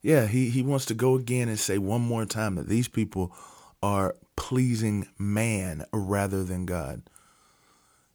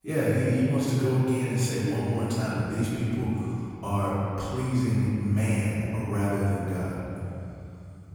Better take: first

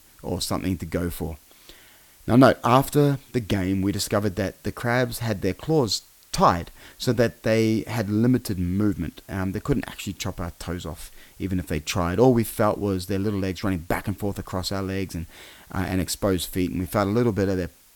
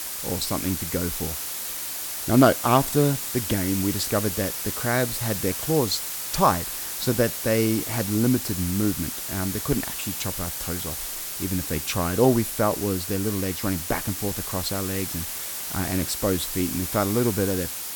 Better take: first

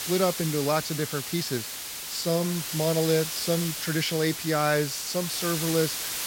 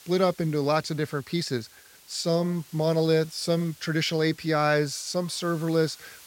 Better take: second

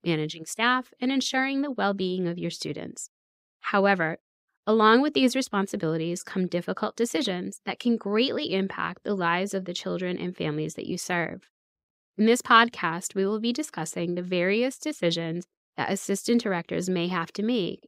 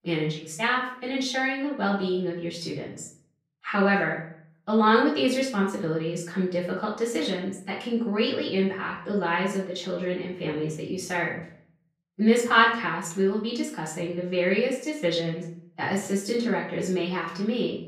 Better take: first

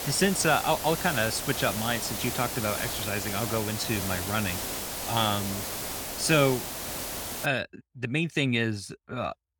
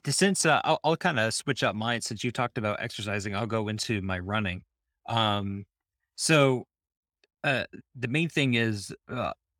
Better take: second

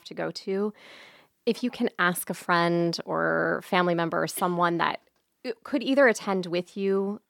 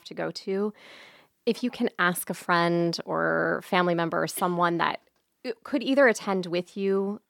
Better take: neither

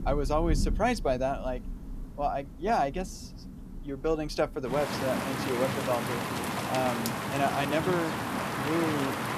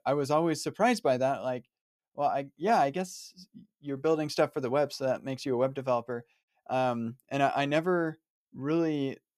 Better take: second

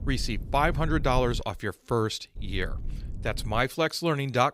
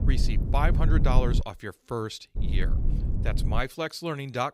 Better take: first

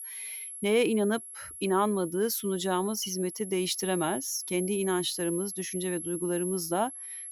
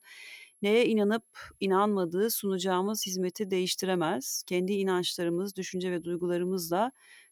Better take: second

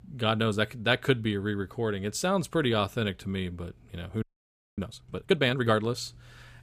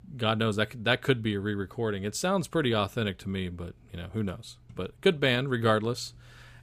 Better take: second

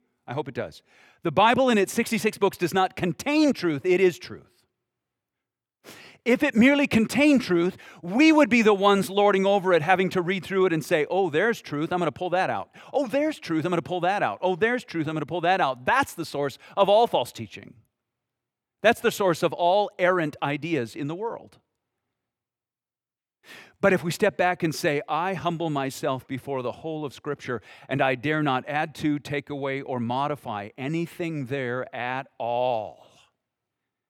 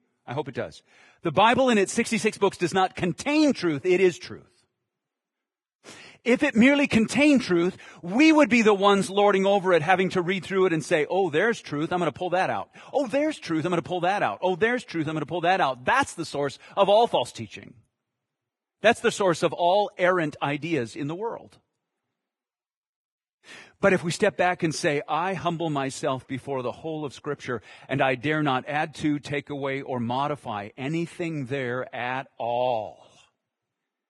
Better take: first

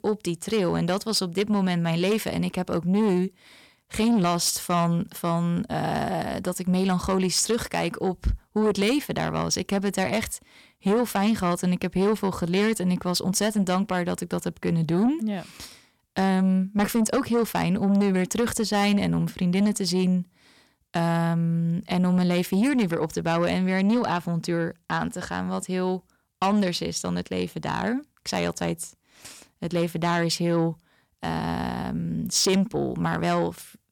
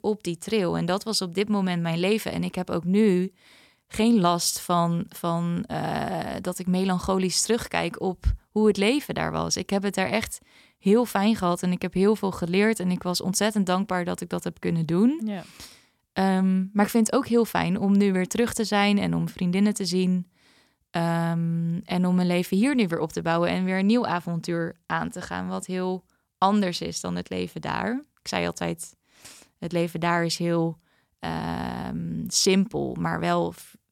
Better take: second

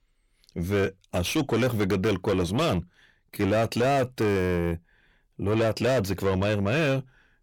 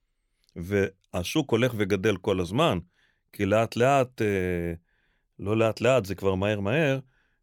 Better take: second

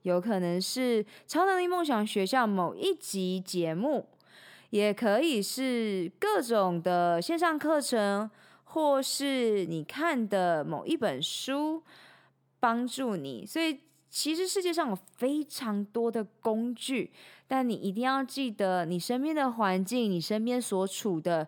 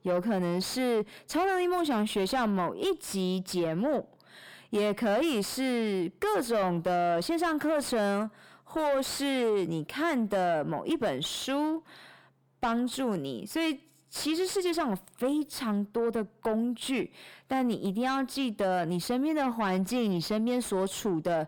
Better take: first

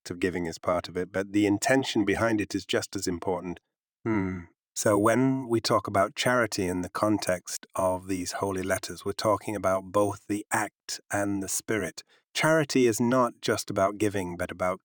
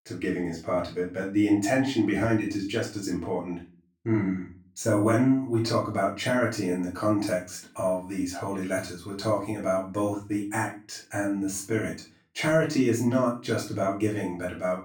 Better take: first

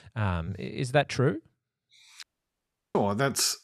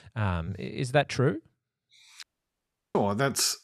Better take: neither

